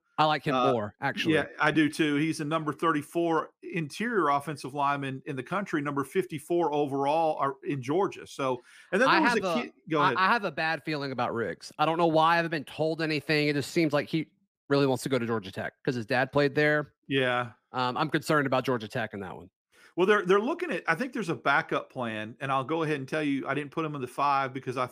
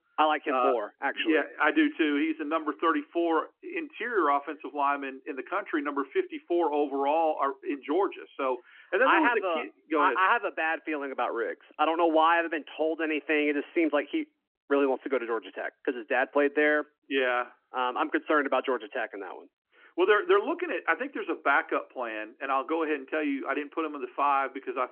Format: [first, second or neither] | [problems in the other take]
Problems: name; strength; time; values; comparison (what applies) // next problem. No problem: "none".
first | phone-call audio